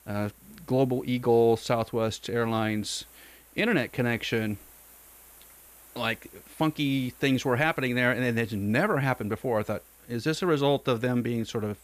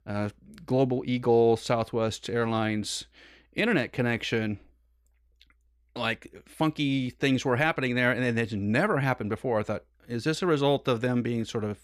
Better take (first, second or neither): second